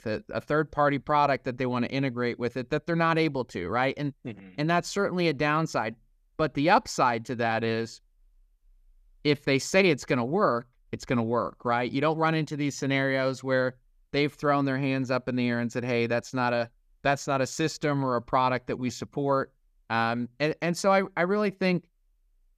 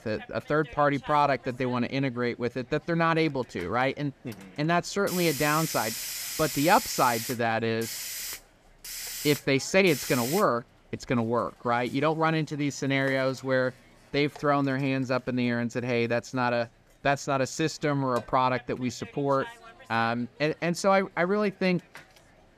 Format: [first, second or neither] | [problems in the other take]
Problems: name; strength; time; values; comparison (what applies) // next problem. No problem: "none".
first | hiss; loud; throughout; 9 dB below the speech